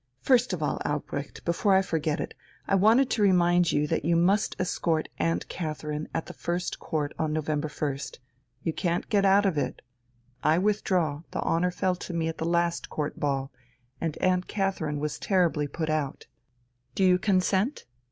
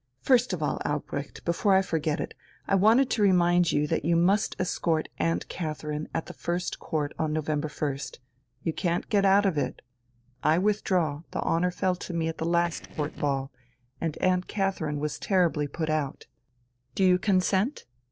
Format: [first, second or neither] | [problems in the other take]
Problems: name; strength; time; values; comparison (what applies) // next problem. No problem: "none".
first | noise reduction (neural separator model SepFormer DNS4)